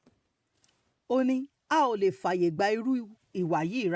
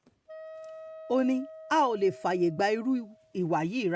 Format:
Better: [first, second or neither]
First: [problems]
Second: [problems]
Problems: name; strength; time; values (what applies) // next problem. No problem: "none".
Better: first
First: none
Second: background sound (Wind instrument, woodwind instrument); 18 dB below the speech